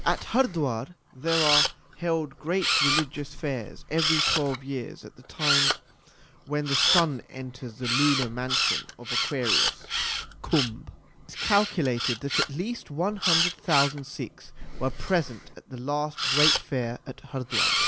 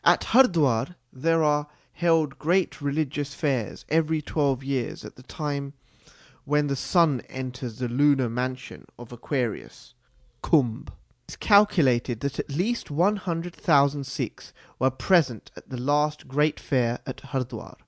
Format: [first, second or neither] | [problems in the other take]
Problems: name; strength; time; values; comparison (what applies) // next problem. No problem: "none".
second | background sound (Camera); as loud as the speech